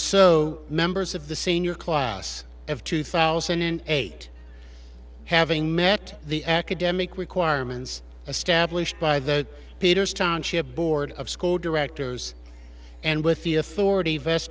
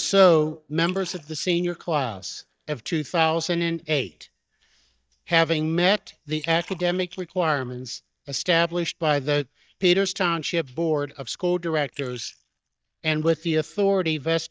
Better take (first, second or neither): first